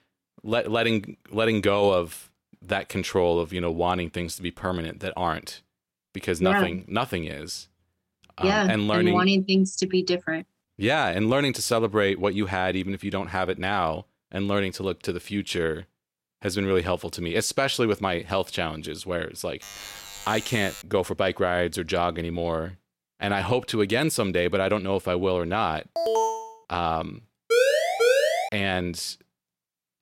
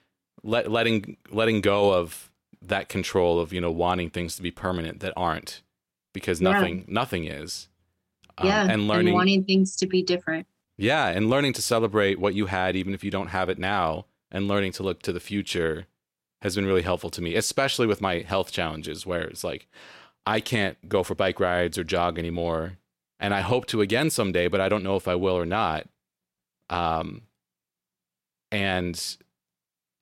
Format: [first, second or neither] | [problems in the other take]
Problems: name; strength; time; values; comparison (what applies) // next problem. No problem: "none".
second | alarm; faint; from 20 to 21 s; peak 10 dB below the speech // alarm; loud; at 26 s; peak 1 dB above the speech // siren; loud; at 28 s; peak 5 dB above the speech